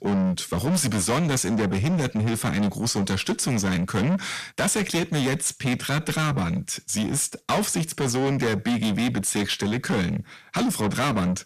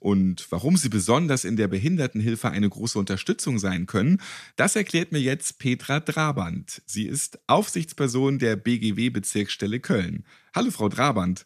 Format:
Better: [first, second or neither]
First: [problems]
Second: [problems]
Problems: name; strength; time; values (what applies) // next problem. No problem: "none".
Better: second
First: distortion; heavy; 6 dB below the speech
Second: none